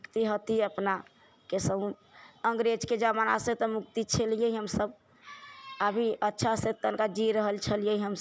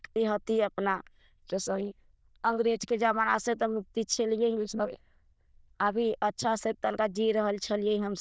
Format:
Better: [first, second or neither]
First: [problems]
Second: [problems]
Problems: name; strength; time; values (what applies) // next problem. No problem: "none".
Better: first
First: none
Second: noise reduction (neural diffusion model UNIVERSE++)